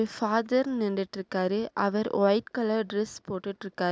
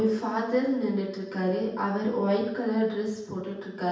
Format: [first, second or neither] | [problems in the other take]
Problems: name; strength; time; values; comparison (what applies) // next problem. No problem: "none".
first | room echo; dies away in 0.9 s